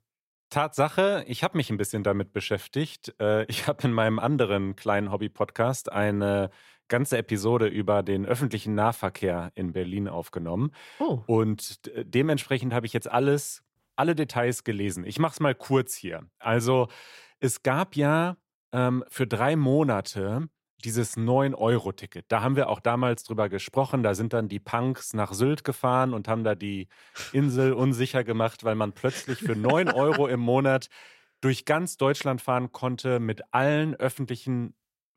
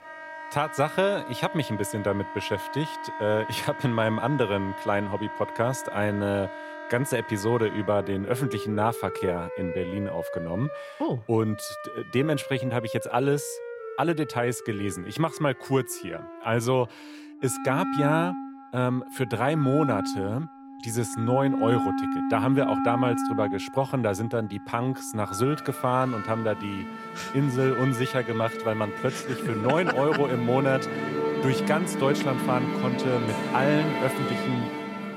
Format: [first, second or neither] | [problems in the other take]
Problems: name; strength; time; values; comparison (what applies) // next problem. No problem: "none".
first | background music; loud; throughout; 5 dB below the speech